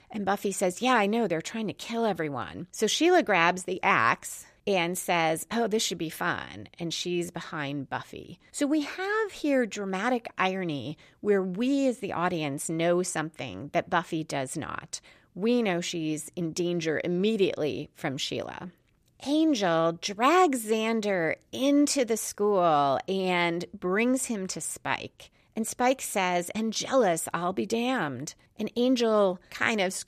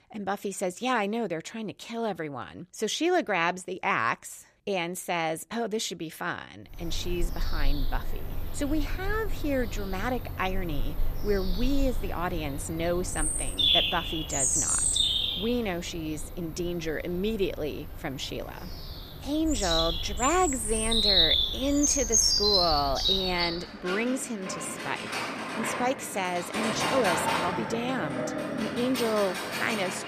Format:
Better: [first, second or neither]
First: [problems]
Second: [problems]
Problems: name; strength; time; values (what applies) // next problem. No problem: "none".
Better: first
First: none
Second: animal sounds; very loud; from 6.5 s on; 3 dB above the speech